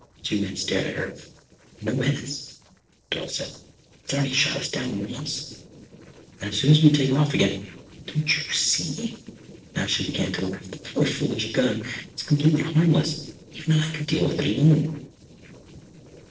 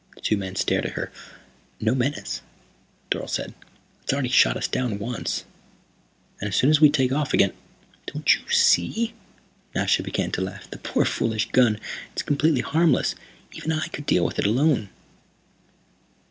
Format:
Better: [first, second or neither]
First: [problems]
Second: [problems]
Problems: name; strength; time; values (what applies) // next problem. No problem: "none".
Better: second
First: noise reduction (neural separator model SepFormer DNS4)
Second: none